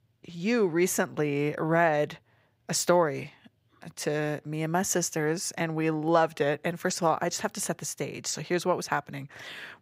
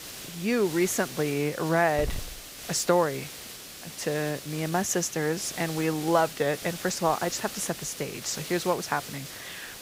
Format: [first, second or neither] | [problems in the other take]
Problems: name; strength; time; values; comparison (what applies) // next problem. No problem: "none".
first | hiss; noticeable; throughout; 10 dB below the speech